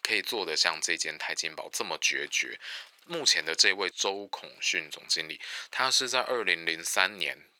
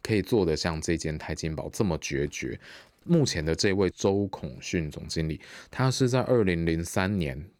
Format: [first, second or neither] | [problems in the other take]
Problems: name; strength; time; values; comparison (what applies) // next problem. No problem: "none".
second | thin; very; fading below 950 Hz